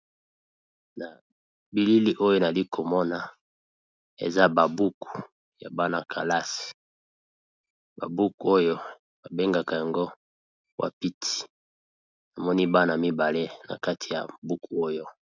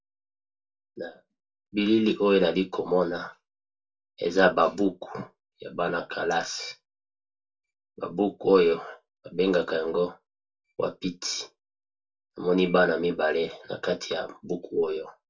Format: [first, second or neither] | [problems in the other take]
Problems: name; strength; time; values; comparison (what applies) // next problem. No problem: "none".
first | room echo; dies away in 0.2 s